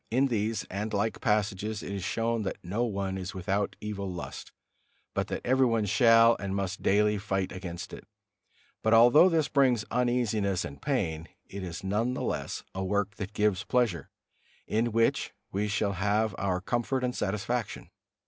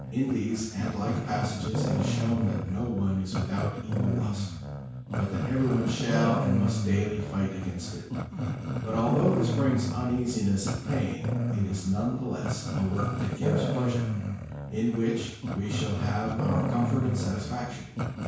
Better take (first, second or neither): first